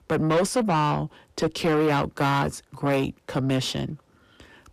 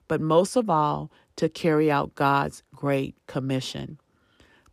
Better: second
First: distortion; heavy; 7 dB below the speech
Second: none

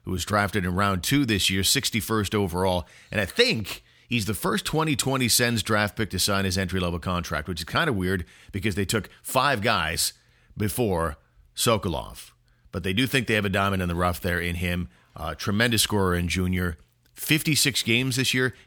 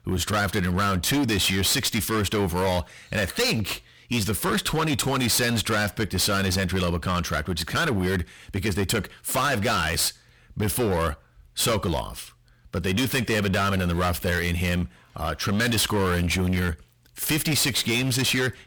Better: first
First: none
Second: distortion; heavy; 20% of the sound clipped

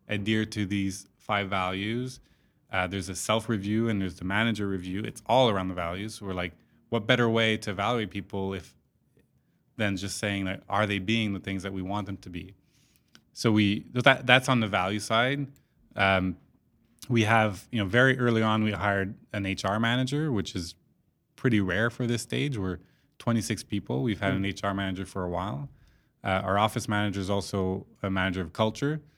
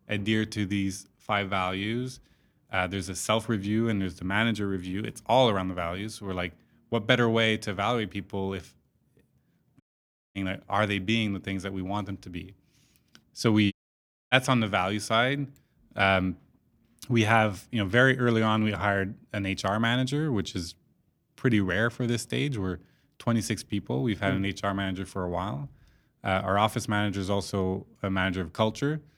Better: first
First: none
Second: audio cutting out; at 10 s for 0.5 s and at 14 s for 0.5 s

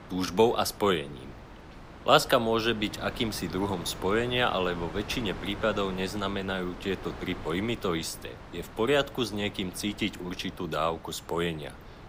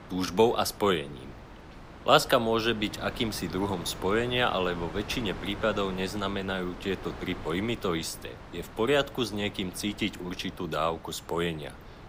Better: neither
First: wind noise on the microphone; occasional gusts; 15 dB below the speech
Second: wind noise on the microphone; occasional gusts; 15 dB below the speech

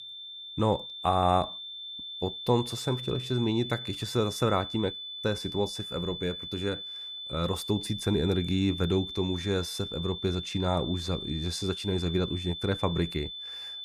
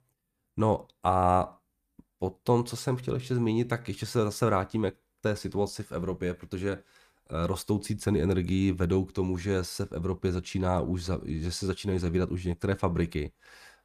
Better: second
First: high-pitched whine; loud; throughout; 3.5 kHz, 7 dB below the speech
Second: none

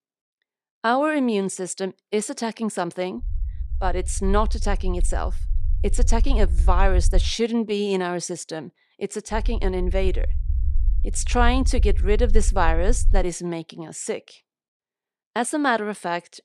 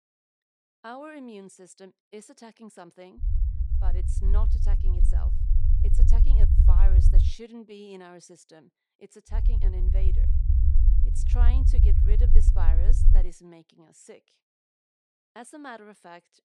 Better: first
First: low rumble; faint; from 3 to 7.5 s and from 9.5 to 13 s; 20 dB below the speech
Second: low rumble; loud; from 3 to 7.5 s and from 9.5 to 13 s; 1 dB below the speech

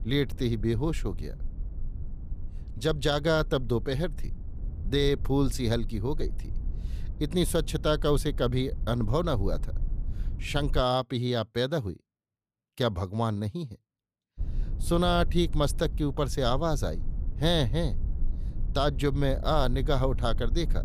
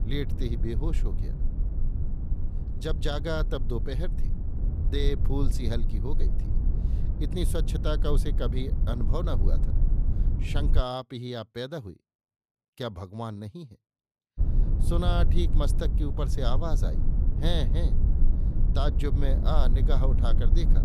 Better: first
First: low rumble; faint; until 11 s and from 14 s on; 25 dB below the speech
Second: low rumble; loud; until 11 s and from 14 s on; 9 dB below the speech

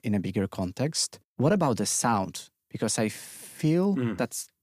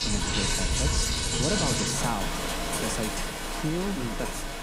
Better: first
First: none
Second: rain or running water; very loud; throughout; 5 dB above the speech

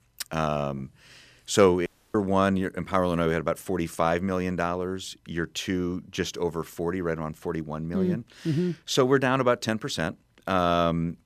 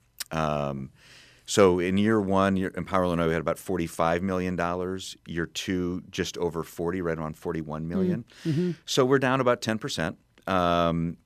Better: second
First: audio cutting out; at 2 s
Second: none

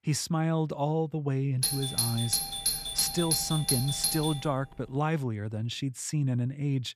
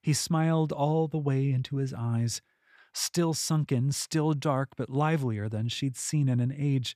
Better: second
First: doorbell; loud; from 1.5 to 4.5 s; peak 4 dB above the speech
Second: none

